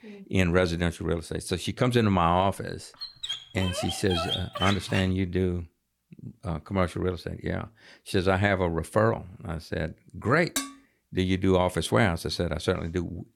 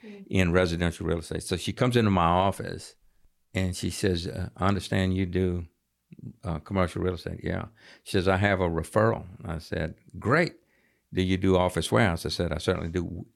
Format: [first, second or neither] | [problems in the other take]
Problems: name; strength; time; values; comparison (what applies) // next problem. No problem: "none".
second | dog barking; noticeable; from 3 to 5 s; peak 2 dB below the speech // clattering dishes; noticeable; at 11 s; peak 5 dB below the speech